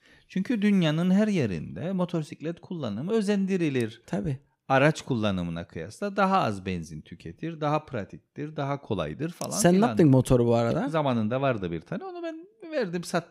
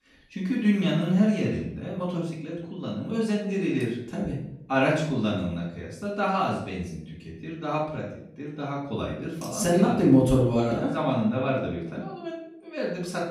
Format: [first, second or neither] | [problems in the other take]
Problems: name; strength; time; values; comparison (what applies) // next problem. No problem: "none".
first | off-mic speech; far // room echo; noticeable; dies away in 0.6 s